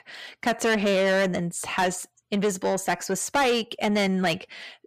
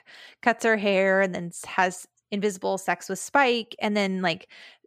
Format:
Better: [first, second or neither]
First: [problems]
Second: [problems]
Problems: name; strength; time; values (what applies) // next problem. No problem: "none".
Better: second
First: distortion; heavy; 7 dB below the speech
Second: none